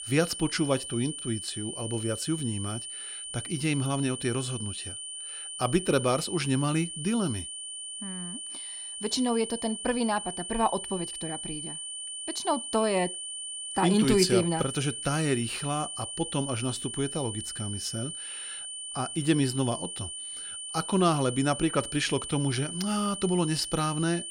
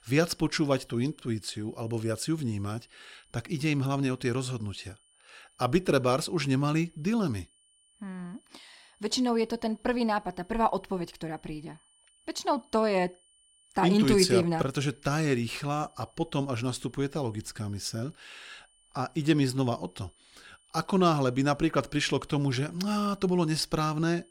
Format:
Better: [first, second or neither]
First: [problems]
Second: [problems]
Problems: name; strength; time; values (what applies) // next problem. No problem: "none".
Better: second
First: high-pitched whine; loud; throughout; 9 kHz, 6 dB below the speech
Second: high-pitched whine; faint; throughout; 9 kHz, 35 dB below the speech